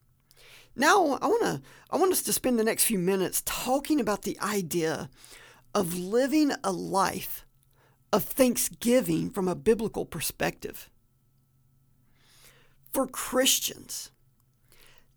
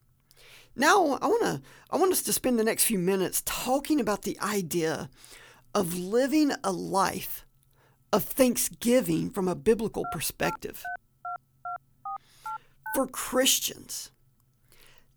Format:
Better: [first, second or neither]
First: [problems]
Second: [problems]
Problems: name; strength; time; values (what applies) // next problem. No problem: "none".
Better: first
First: none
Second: phone ringing; faint; from 10 to 13 s; peak 15 dB below the speech